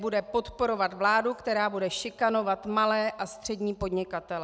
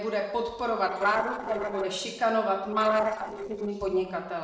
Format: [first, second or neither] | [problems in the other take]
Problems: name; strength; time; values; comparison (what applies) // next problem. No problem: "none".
first | noise reduction (neural separator model SepFormer DNS4)